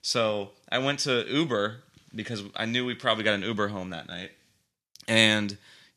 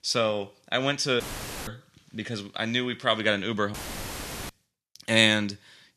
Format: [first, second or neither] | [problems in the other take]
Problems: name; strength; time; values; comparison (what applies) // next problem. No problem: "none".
first | audio cutting out; filled with static; at 1 s and at 3.5 s for 1 s